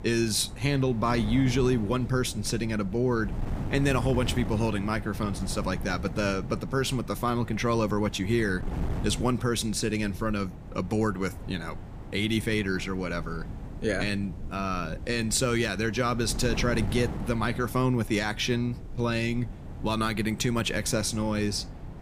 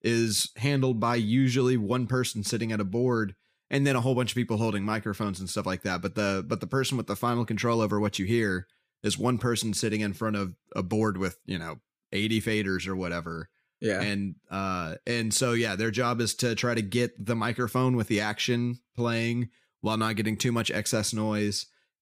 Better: second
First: wind noise on the microphone; occasional gusts; 15 dB below the speech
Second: none

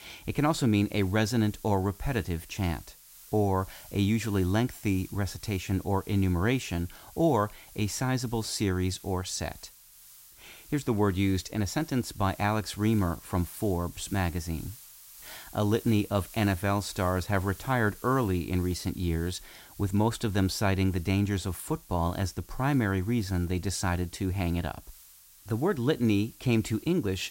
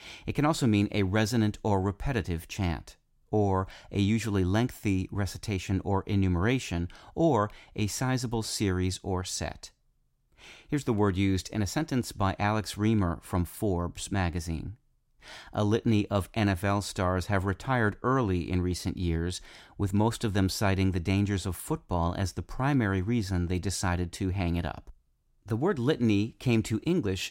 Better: second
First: hiss; noticeable; throughout; 20 dB below the speech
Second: none

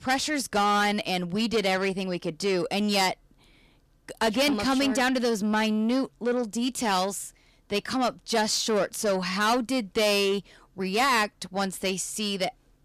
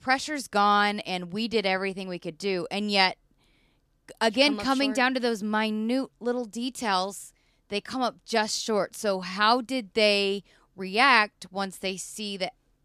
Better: second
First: distortion; heavy; 7 dB below the speech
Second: none

